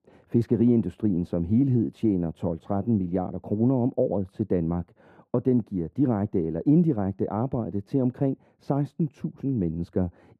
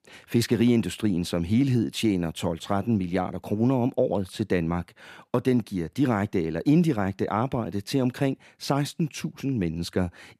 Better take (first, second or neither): second